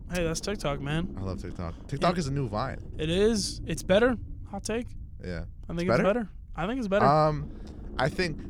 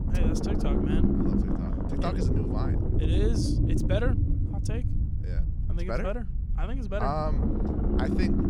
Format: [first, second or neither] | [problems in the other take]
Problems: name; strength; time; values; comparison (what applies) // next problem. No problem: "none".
first | low rumble; loud; throughout; as loud as the speech; faint in the first